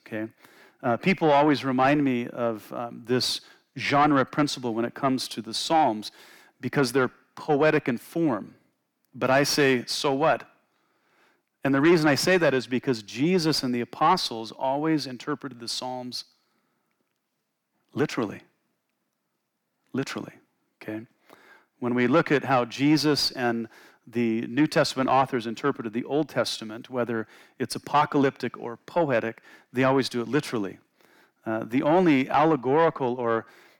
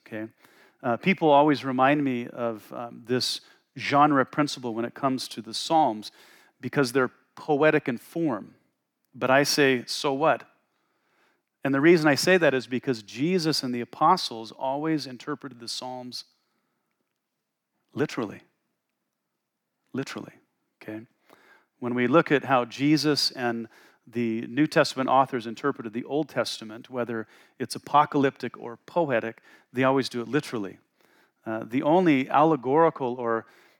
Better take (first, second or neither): second